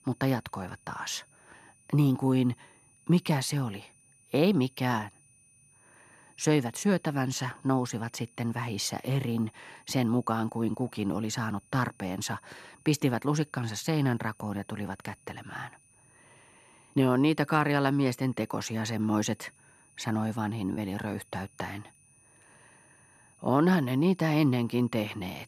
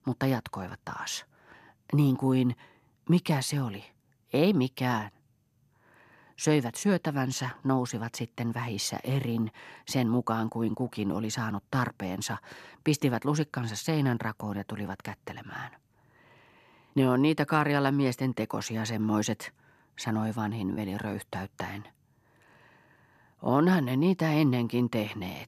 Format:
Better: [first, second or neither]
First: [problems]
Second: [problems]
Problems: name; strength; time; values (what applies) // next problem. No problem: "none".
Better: second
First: high-pitched whine; faint; throughout; 9.5 kHz, 30 dB below the speech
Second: none